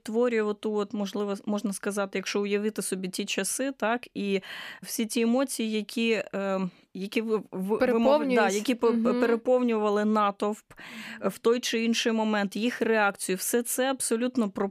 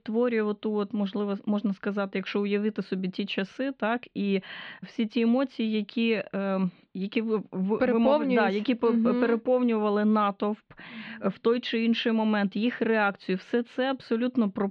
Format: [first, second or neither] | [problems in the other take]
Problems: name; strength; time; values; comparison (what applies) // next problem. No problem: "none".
first | muffled; slightly; fading above 4 kHz